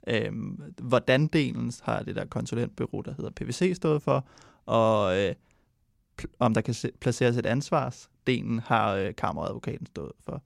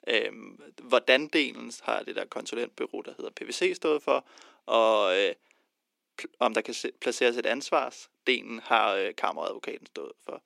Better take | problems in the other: first | thin; somewhat; fading below 300 Hz

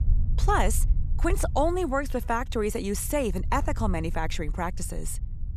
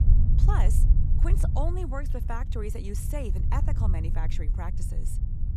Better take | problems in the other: first | low rumble; loud; throughout; 6 dB below the speech; faint in the first

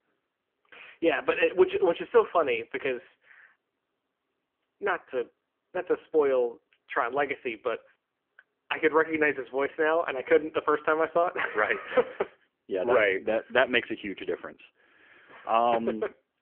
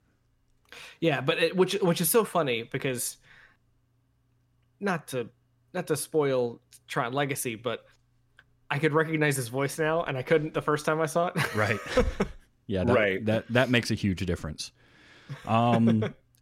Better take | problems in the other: second | phone-call audio; poor line; nothing above 3 kHz

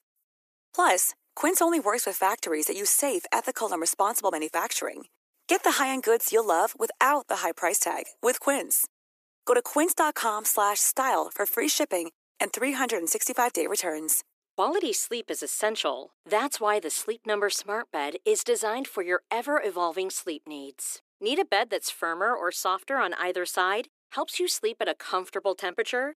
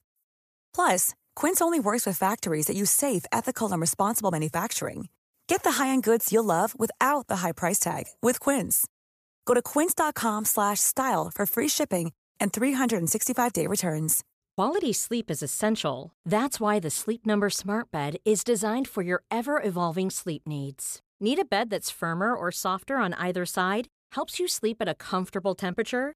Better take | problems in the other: second | thin; somewhat; fading below 300 Hz

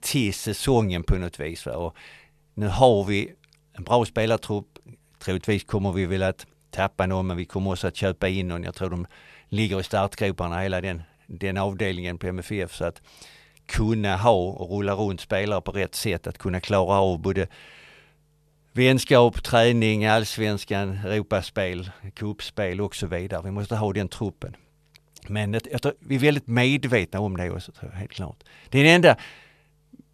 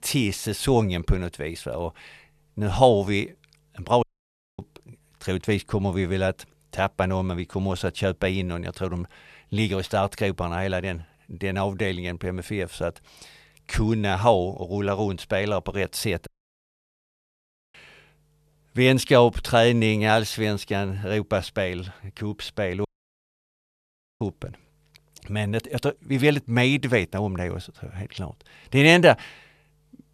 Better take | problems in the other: first | audio cutting out; at 4 s for 0.5 s, at 16 s for 1.5 s and at 23 s for 1.5 s

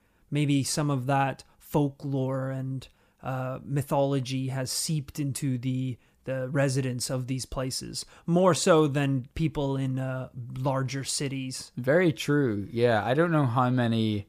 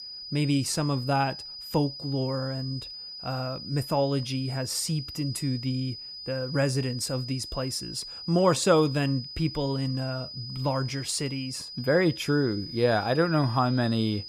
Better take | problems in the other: first | high-pitched whine; loud; throughout; 5 kHz, 10 dB below the speech

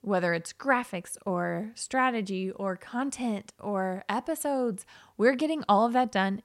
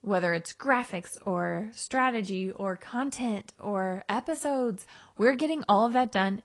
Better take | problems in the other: first | garbled, watery; slightly; nothing above 10.5 kHz

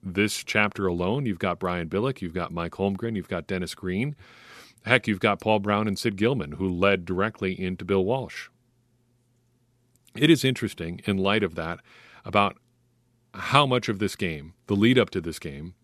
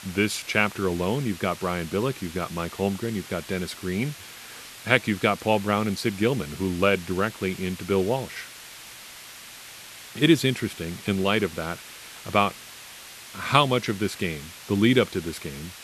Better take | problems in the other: first | hiss; noticeable; throughout; 15 dB below the speech

